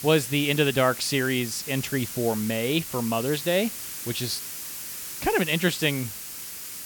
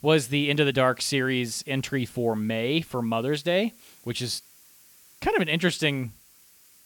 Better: second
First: hiss; loud; throughout; 8 dB below the speech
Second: hiss; faint; throughout; 25 dB below the speech

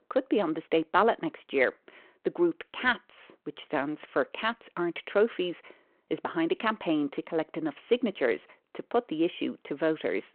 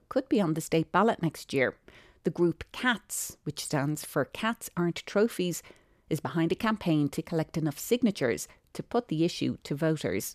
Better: second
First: phone-call audio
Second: none

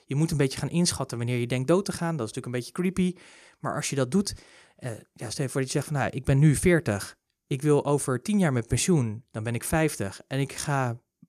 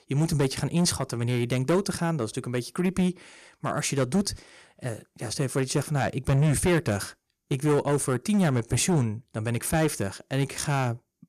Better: first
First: none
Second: distortion; slight; 7% of the sound clipped

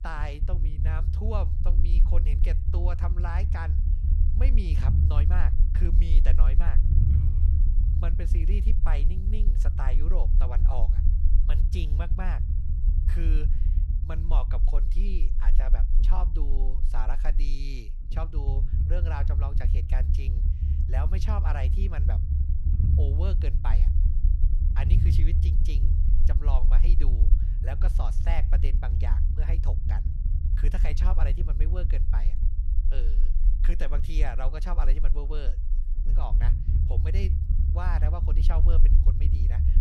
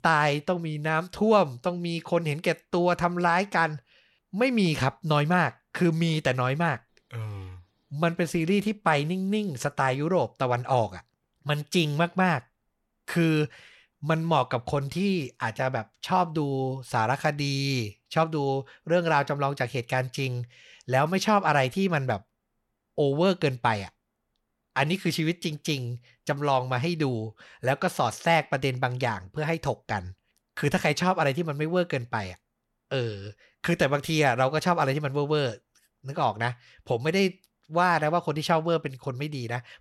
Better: second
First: low rumble; loud; throughout; 4 dB below the speech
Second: none

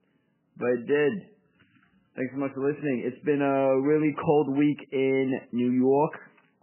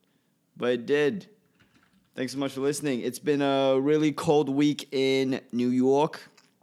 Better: second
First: garbled, watery; badly; nothing above 3 kHz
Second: none

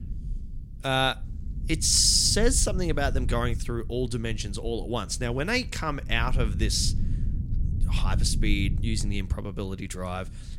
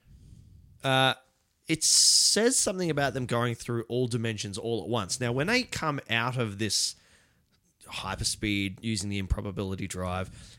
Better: second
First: low rumble; noticeable; throughout; 20 dB below the speech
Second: none

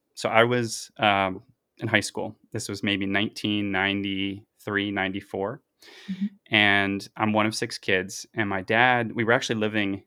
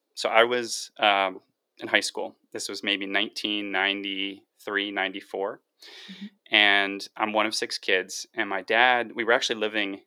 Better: first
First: none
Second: thin; somewhat; fading below 400 Hz

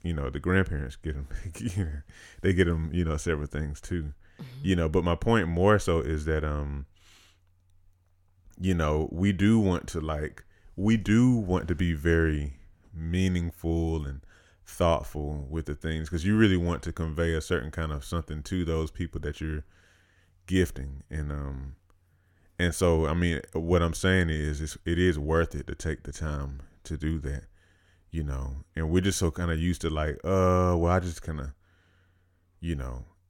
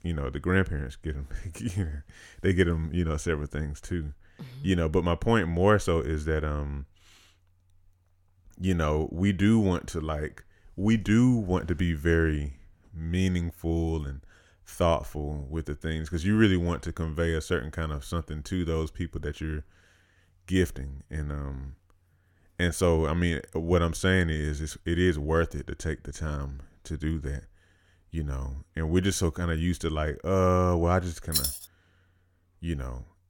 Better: first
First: none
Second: jangling keys; loud; at 31 s; peak 1 dB above the speech

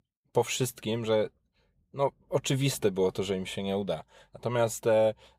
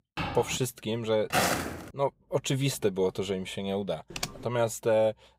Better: first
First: none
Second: footsteps; noticeable; at the start; peak 5 dB below the speech // footsteps; loud; at 1.5 s; peak 4 dB above the speech // keyboard typing; noticeable; at 4 s; peak 6 dB below the speech

